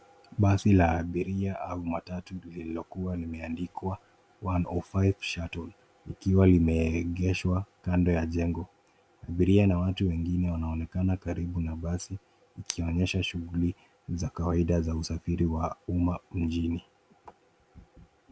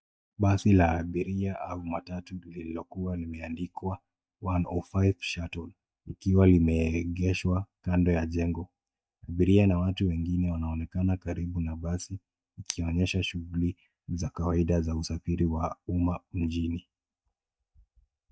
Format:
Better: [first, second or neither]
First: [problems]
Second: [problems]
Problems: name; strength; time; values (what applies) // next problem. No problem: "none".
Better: first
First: none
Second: noise reduction (neural mask model DeepFilterNet 3)